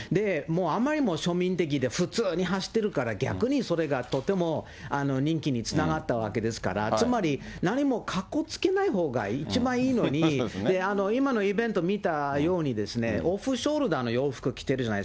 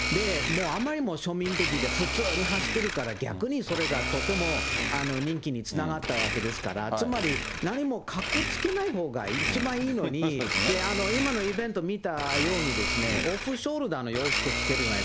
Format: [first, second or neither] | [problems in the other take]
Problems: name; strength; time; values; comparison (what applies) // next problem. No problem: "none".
first | background sound (Domestic sounds, home sounds); 1 dB below the speech